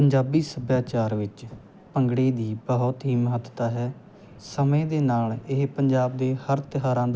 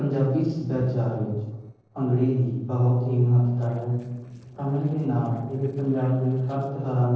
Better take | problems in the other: first | noise reduction (neural separator model SepFormer DNS4)

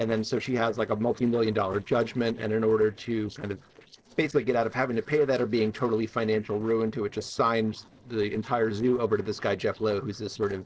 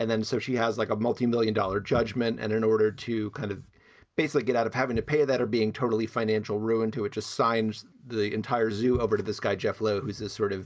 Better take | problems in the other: second | noise reduction (neural separator model SepFormer DNS4)

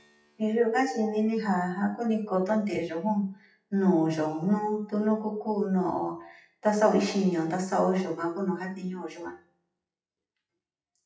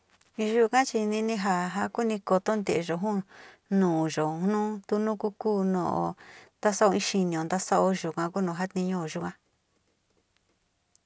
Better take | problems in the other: second | noise reduction (classical method WPE with log-MMSE)

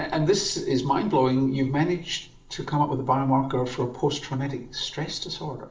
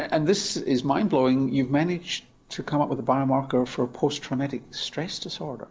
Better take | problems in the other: second | room echo; dies away in 0.4 s

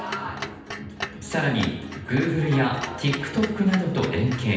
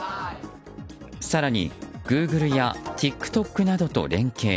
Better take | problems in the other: second | background sound (Clock); 13 dB below the speech // room echo; dies away in 0.9 s

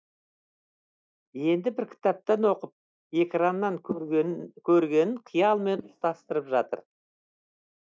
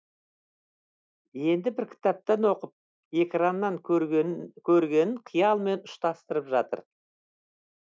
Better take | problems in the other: second | noise reduction (neural mask model DeepFilterNet 3)

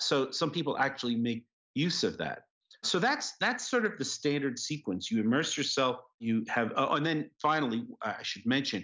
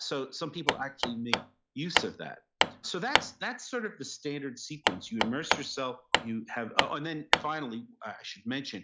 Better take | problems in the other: first | noise reduction (classical method log-MMSE)

